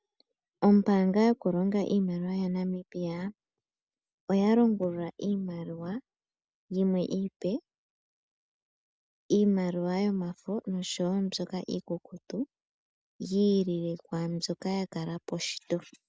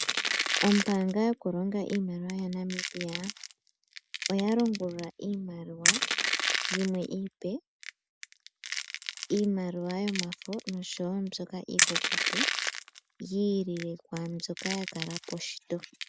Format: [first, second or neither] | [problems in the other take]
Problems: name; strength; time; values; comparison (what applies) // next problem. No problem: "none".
first | background sound (Crushing); 2 dB below the speech